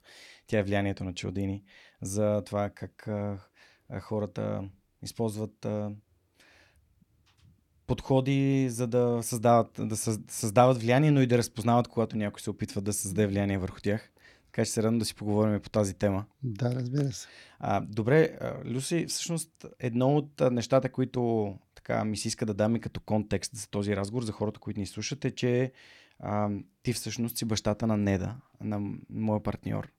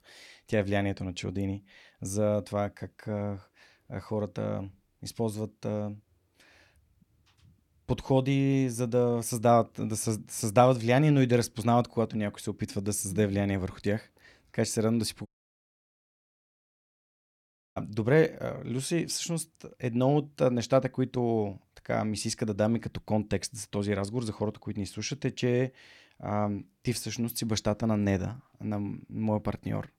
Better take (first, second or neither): first